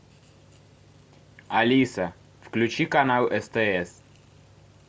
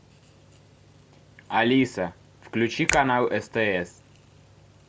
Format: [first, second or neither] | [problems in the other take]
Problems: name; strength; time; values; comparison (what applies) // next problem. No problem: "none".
first | background sound (Finger snapping); 8 dB below the speech